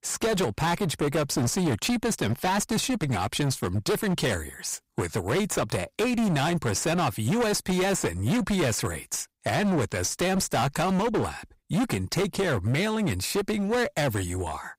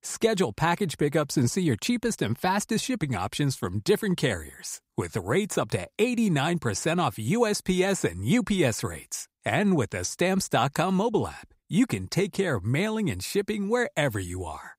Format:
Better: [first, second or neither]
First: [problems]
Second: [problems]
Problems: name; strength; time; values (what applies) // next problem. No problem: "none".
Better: second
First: distortion; heavy; 25% of the sound clipped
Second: none